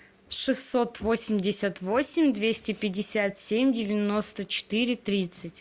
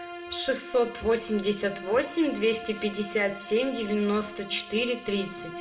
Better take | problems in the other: first | background sound (Bowed string instrument); 13 dB below the speech // room echo; dies away in 0.7 s

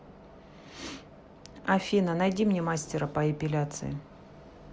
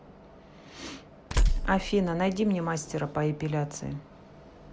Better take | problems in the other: first | background sound (Tools); 1 dB above the speech

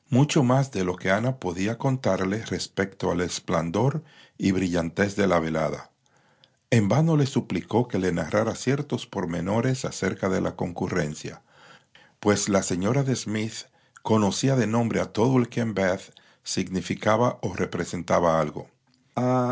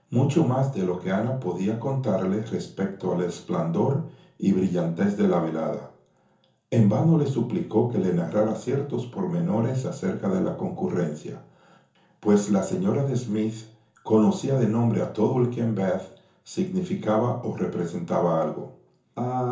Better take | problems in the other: first | room echo; dies away in 0.6 s

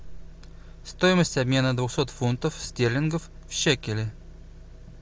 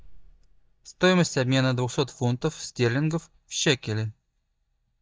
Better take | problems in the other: first | noise reduction (neural mask model DeepFilterNet 3)

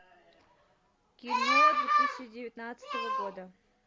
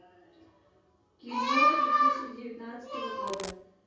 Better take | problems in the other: first | background sound (Domestic sounds, home sounds); 13 dB below the speech // room echo; dies away in 0.6 s

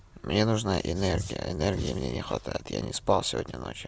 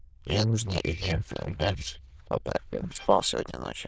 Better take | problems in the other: first | noise reduction (neural diffusion model UNIVERSE++)

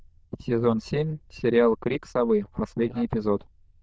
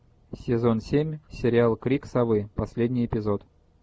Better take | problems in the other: second | noise reduction (neural diffusion model UNIVERSE++)

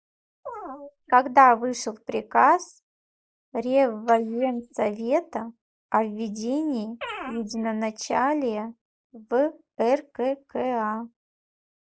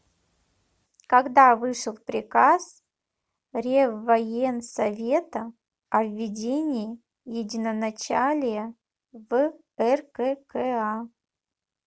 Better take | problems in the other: second | noise reduction (neural mask model Resemble Enhance denoiser)

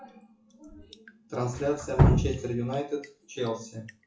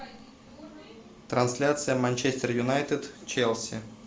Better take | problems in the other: second | noise reduction (classical method WPE with log-MMSE)

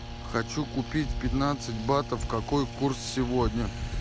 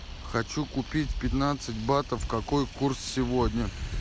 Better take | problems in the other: second | background sound (Bowed string instrument); 12 dB below the speech

